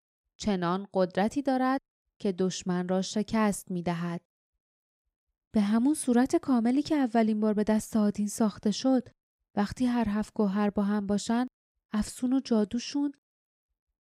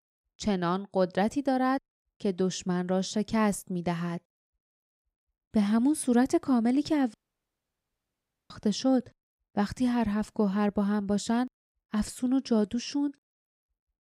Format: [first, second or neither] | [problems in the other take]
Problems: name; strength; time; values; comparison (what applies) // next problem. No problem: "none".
first | audio cutting out; at 7 s for 1.5 s